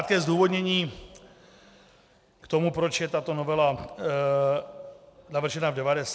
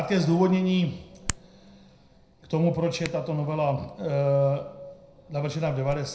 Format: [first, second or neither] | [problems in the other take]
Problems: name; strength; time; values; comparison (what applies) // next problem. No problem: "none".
first | background sound (Hands); 17 dB below the speech // room echo; dies away in 0.5 s